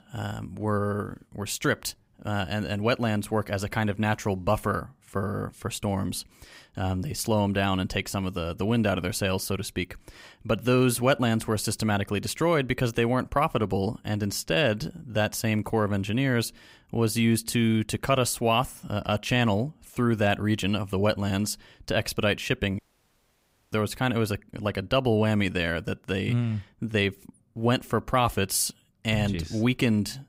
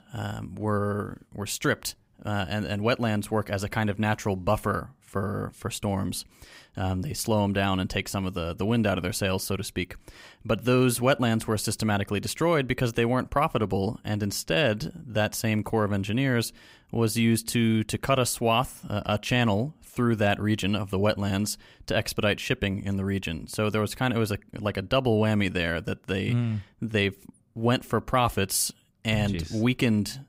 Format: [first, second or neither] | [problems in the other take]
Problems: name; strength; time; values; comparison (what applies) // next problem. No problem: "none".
second | audio cutting out; at 23 s for 1 s